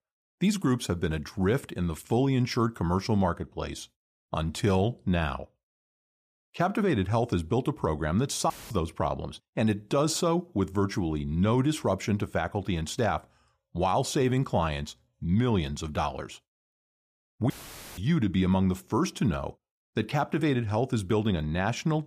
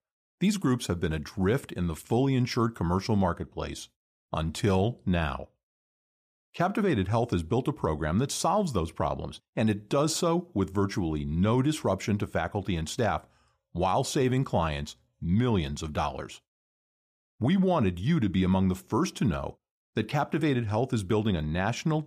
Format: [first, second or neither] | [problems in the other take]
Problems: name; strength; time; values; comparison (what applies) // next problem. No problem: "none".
second | audio cutting out; filled with static; at 8.5 s and at 18 s